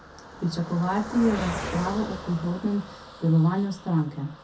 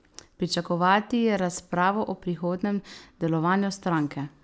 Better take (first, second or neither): second